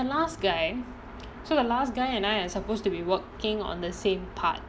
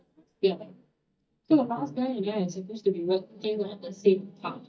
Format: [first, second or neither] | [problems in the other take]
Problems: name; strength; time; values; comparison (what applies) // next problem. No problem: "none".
first | noise reduction (neural mask model DeepFilterNet 3)